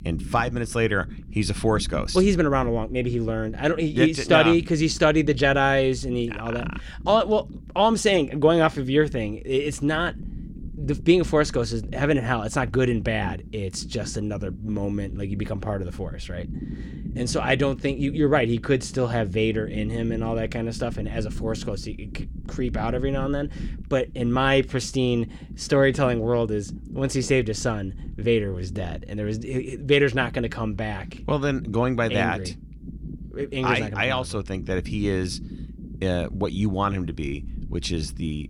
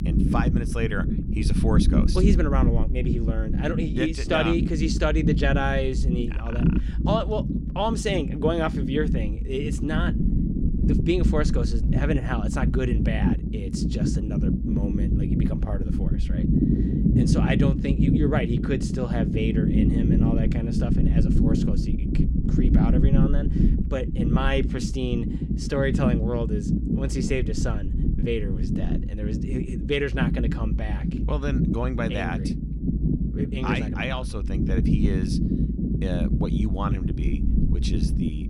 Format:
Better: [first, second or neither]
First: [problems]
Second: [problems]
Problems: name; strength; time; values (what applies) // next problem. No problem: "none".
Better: first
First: low rumble; faint; throughout; 20 dB below the speech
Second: low rumble; loud; throughout; 3 dB below the speech